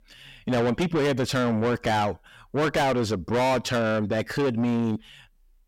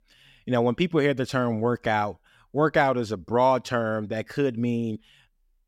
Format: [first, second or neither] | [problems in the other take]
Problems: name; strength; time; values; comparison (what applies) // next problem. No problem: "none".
second | distortion; heavy; 6 dB below the speech